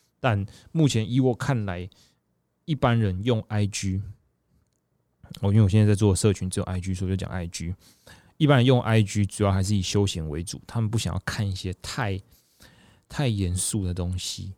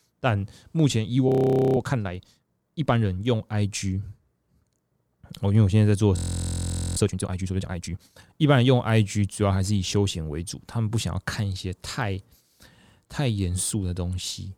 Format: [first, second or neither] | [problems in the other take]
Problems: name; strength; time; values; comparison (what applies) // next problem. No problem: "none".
first | audio freezing; at 1.5 s and at 6 s for 1 s